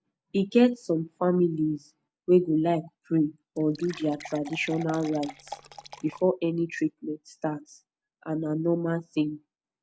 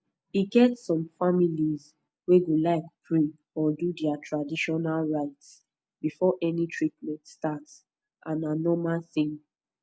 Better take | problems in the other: second | background sound (Fill (with liquid) / Water); 16 dB below the speech

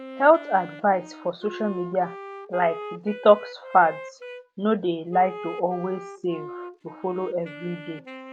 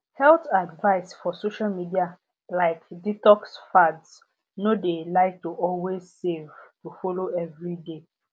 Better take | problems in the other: second | background sound (Wind instrument, woodwind instrument); 14 dB below the speech

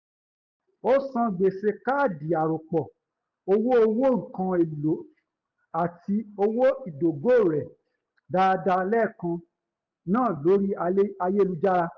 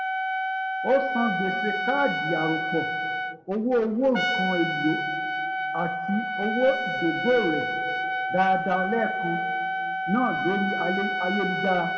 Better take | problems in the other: first | background sound (Trumpet); 1 dB below the speech // room echo; dies away in 1.5 s

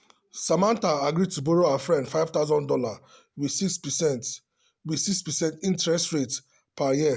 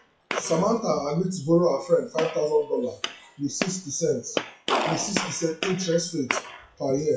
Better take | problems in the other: first | noise reduction (classical method WPE with log-MMSE)

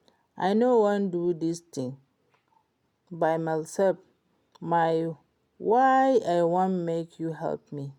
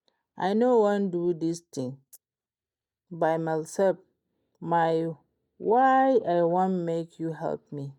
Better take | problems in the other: first | noise reduction (neural mask model DeepFilterNet 3)

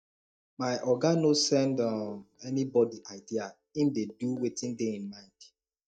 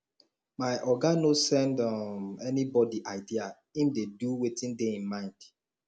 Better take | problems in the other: second | noise reduction (neural mask model DeepFilterNet 3)

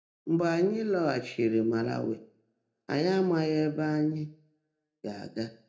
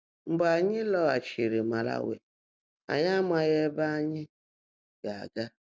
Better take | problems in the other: second | room echo; dies away in 0.3 s

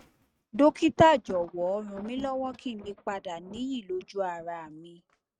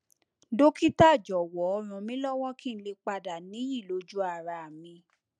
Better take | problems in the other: second | noise reduction (neural mask model RNNoise)

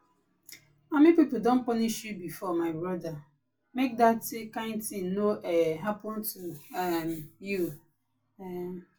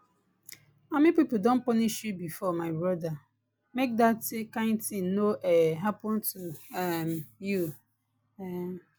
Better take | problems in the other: second | room echo; dies away in 0.2 s

